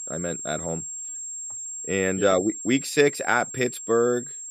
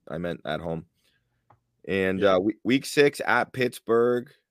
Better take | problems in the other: second | high-pitched whine; loud; throughout; 7.5 kHz, 8 dB below the speech

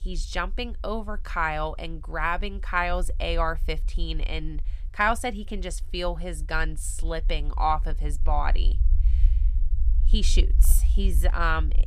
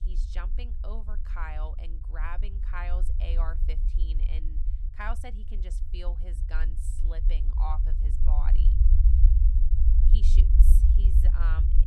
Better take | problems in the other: first | low rumble; loud; throughout; 5 dB below the speech; faint in the first

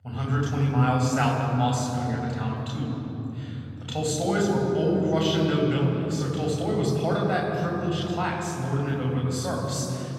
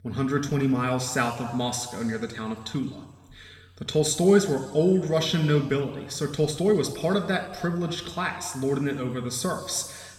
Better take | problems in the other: second | room echo; strong; dies away in 3 s; slight in the second // off-mic speech; far; somewhat distant in the second

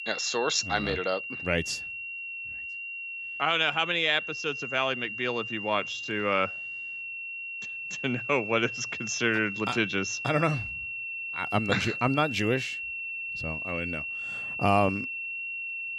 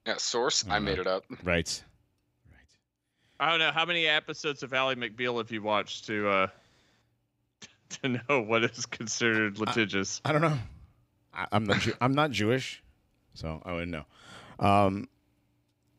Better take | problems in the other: second | high-pitched whine; loud; throughout; 2.5 kHz, 5 dB below the speech

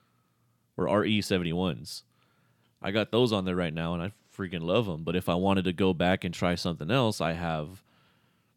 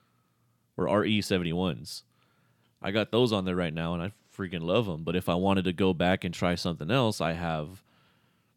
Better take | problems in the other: neither | none

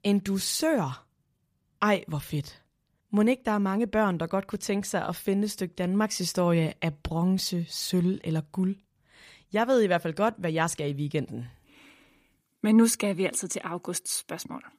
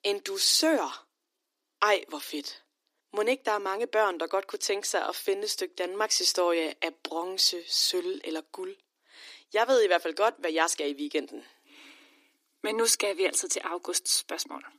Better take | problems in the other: first | thin; very; fading below 300 Hz

